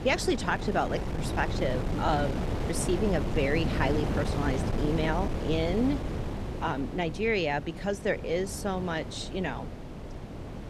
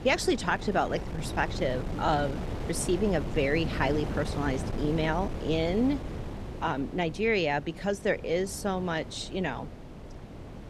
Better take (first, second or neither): second